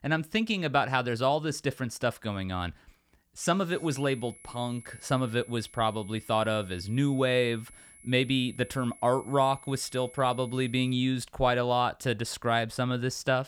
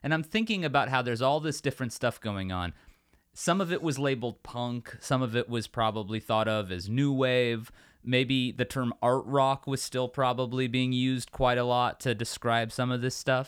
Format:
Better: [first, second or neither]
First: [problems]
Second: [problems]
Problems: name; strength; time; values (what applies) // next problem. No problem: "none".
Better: second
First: high-pitched whine; faint; from 3.5 to 11 s; 11 kHz, 20 dB below the speech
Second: none